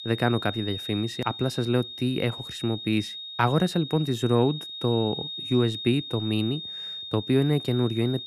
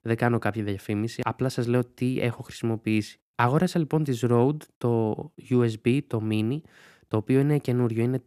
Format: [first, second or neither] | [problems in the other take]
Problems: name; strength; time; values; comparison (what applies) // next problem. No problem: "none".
second | high-pitched whine; loud; throughout; 3.5 kHz, 8 dB below the speech